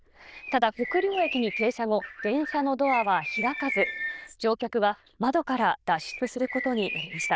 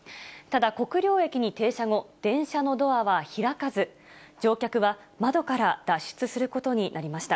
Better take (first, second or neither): second